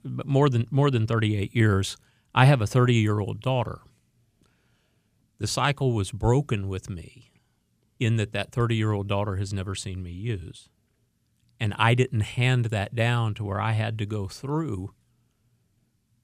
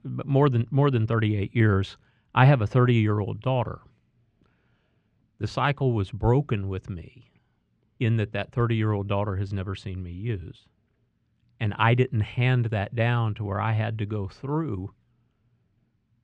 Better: first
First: none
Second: muffled; slightly; fading above 2.5 kHz

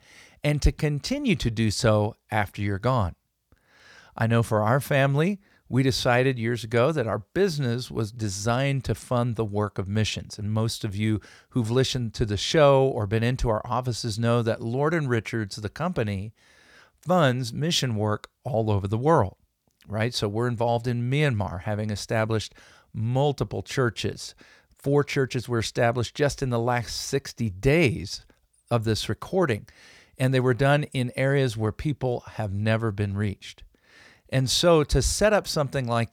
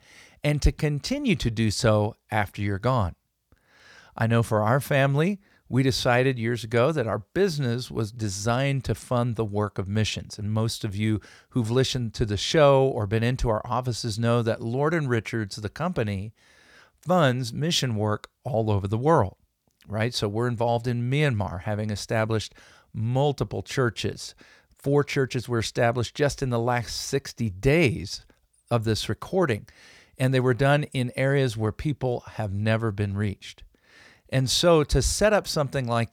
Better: neither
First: none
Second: none

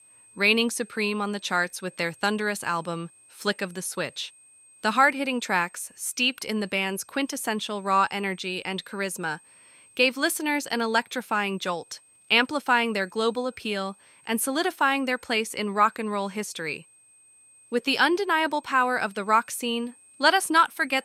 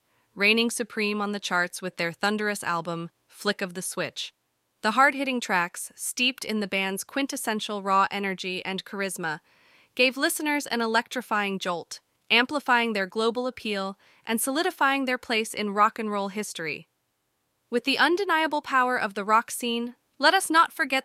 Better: second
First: high-pitched whine; faint; throughout; 8.5 kHz, 25 dB below the speech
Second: none

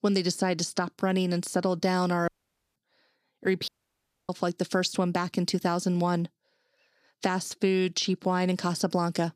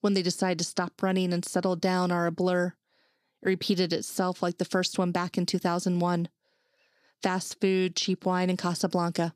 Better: second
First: audio cutting out; at 2.5 s and at 3.5 s for 0.5 s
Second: none

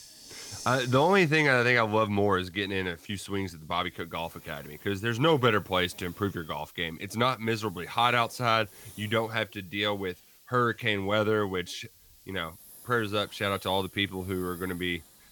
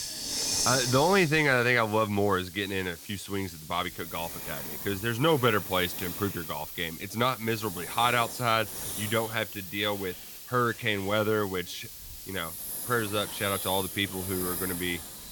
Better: first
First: hiss; faint; throughout; 20 dB below the speech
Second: hiss; loud; throughout; 6 dB below the speech

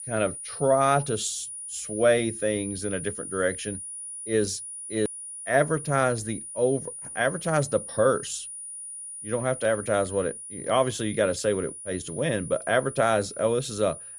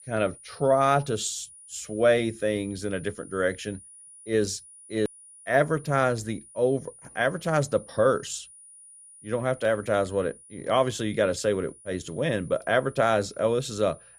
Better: second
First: high-pitched whine; loud; throughout; 9.5 kHz, 9 dB below the speech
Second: high-pitched whine; faint; throughout; 9.5 kHz, 20 dB below the speech

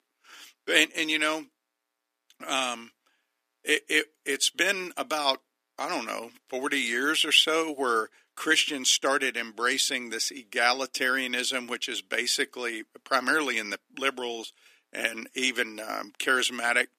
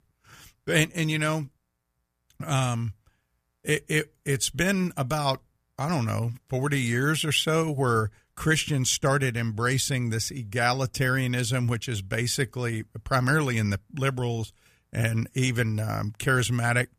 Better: second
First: thin; somewhat; fading below 300 Hz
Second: none

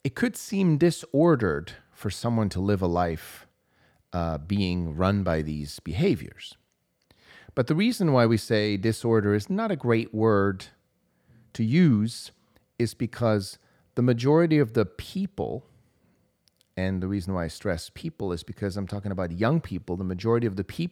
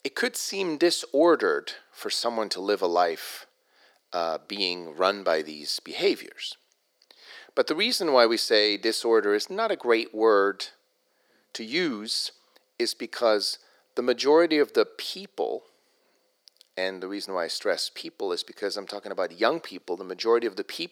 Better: first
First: none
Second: thin; very; fading below 350 Hz

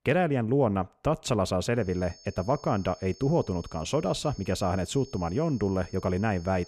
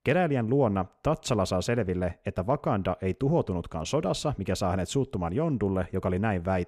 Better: second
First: high-pitched whine; faint; from 2 s on; 5.5 kHz, 20 dB below the speech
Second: none

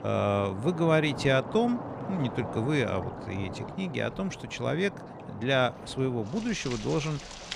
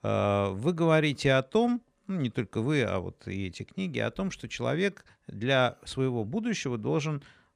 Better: second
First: rain or running water; noticeable; throughout; 10 dB below the speech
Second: none

